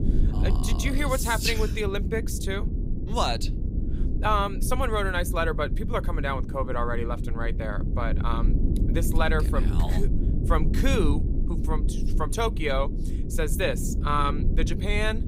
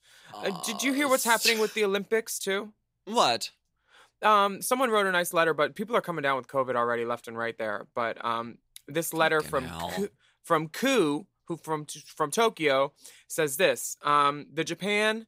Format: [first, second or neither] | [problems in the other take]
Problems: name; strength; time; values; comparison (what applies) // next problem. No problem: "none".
second | low rumble; noticeable; throughout; 10 dB below the speech